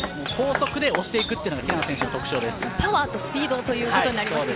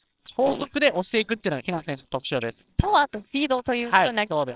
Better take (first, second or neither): first